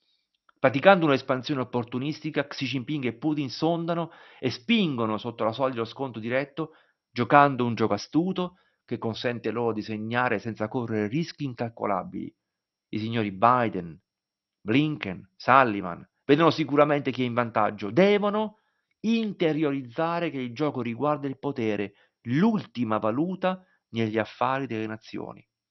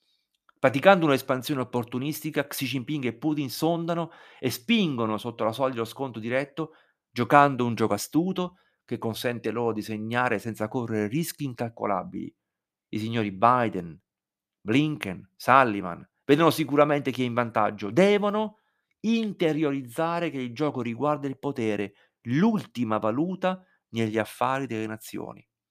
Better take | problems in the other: second | garbled, watery; slightly; nothing above 6 kHz

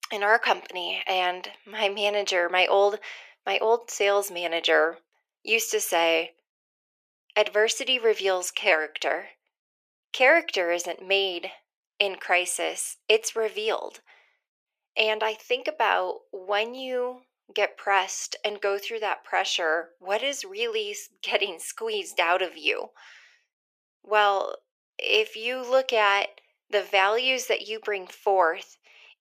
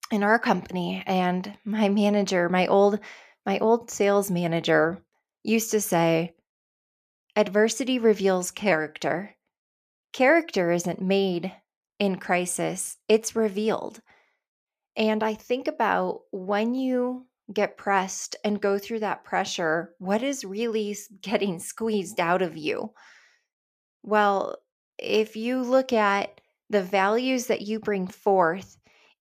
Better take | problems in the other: second | thin; very; fading below 400 Hz

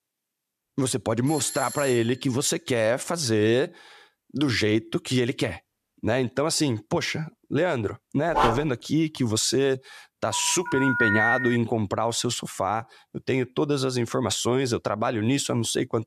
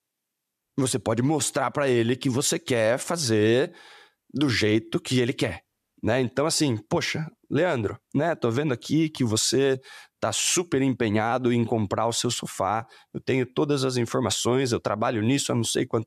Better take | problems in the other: second | doorbell; noticeable; at 1.5 s; peak 8 dB below the speech // dog barking; loud; at 8.5 s; peak 1 dB above the speech // phone ringing; loud; from 10 to 12 s; peak 4 dB above the speech

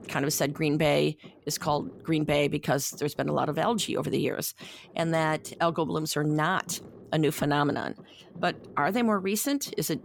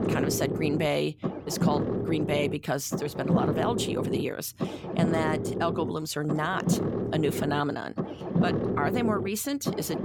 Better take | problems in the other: first | low rumble; loud; throughout; 4 dB below the speech; faint in the first

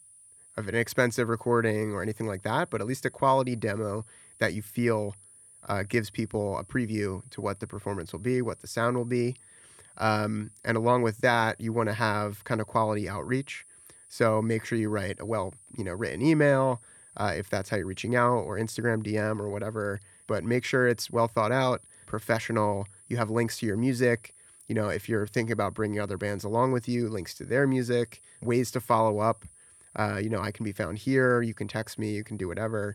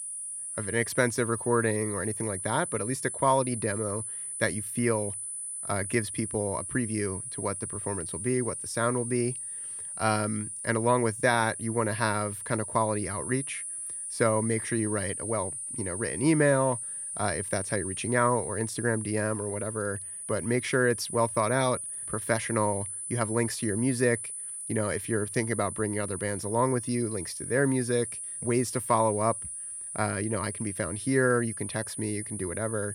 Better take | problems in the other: first | high-pitched whine; loud; throughout; 10 kHz, 5 dB below the speech; faint in the first

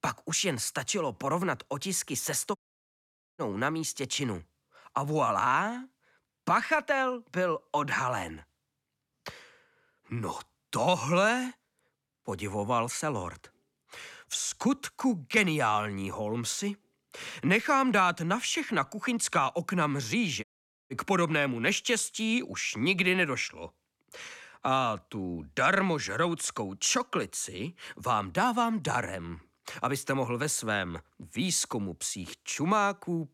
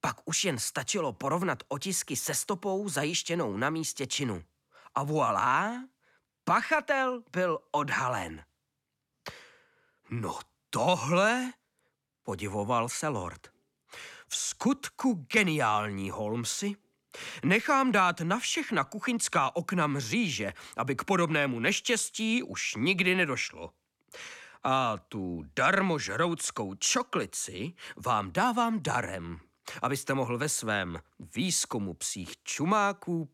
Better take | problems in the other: second | audio cutting out; at 2.5 s for 1 s and at 20 s

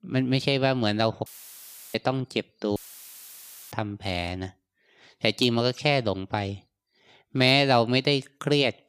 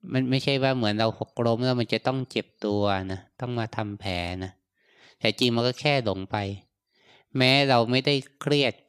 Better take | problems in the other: second | audio cutting out; filled with static; at 1.5 s for 0.5 s and at 3 s for 1 s

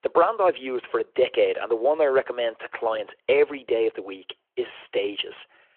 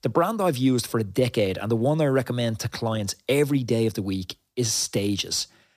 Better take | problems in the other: second | phone-call audio

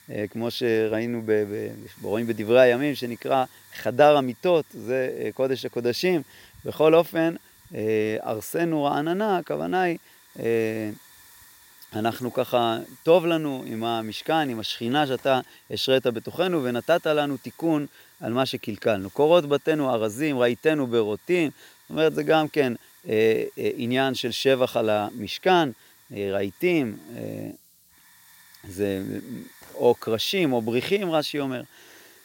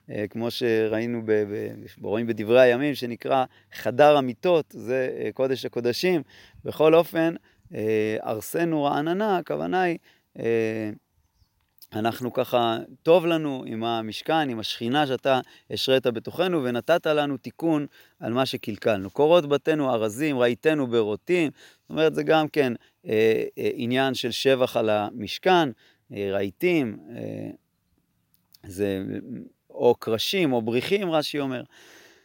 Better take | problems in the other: second | hiss; faint; throughout; 25 dB below the speech

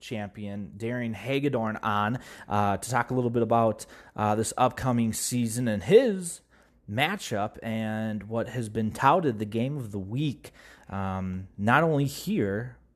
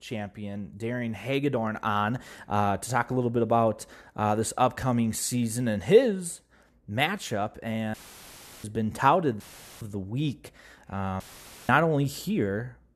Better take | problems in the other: first | audio cutting out; filled with static; at 8 s for 0.5 s, at 9.5 s and at 11 s

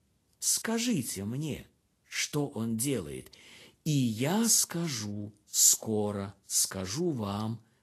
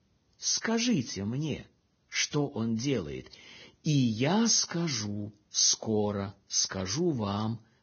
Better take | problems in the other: first | garbled, watery; badly; nothing above 6.5 kHz; slightly in the first

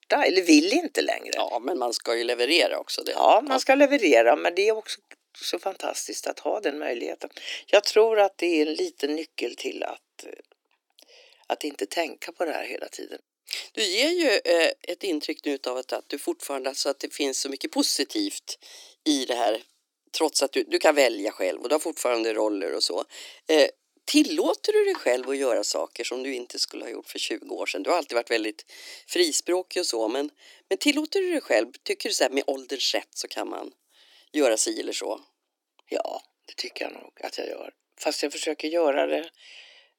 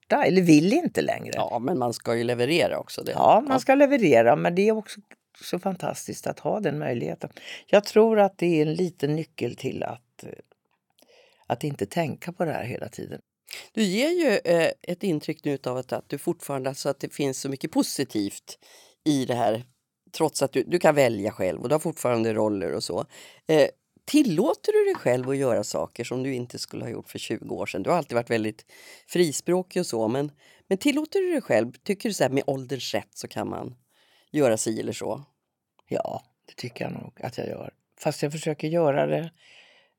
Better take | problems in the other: second | thin; very slightly; fading below 300 Hz

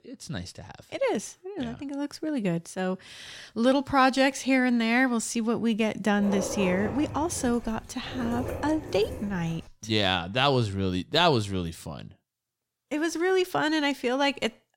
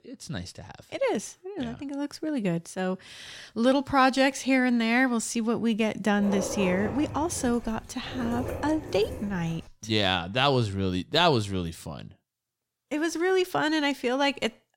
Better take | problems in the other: neither | dog barking; noticeable; from 6 to 9.5 s; peak 5 dB below the speech; the same in both

